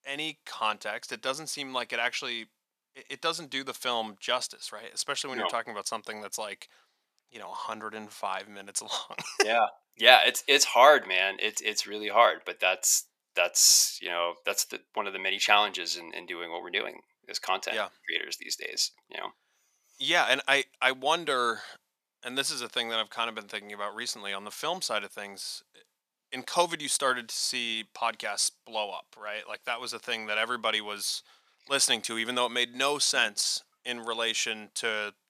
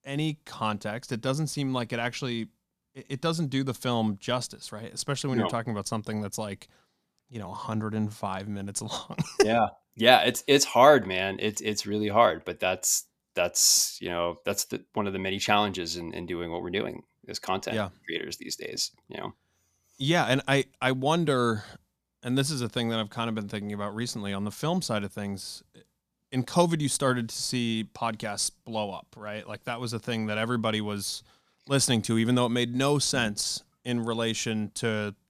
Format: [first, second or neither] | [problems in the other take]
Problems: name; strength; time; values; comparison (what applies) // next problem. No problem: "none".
second | thin; very; fading below 550 Hz